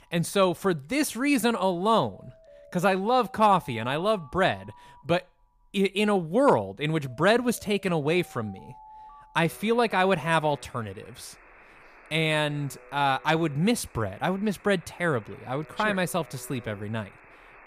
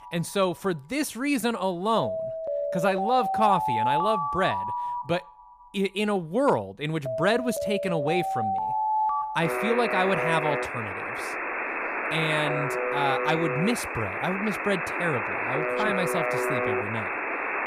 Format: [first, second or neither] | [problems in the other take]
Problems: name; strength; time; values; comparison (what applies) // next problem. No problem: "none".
first | alarms or sirens; loud; throughout; as loud as the speech; faint in the first